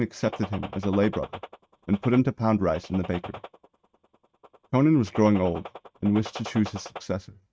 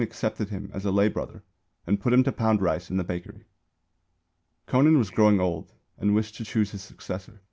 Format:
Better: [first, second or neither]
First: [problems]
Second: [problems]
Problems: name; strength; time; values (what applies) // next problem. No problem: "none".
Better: second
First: noise reduction (neural mask model RNNoise)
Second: none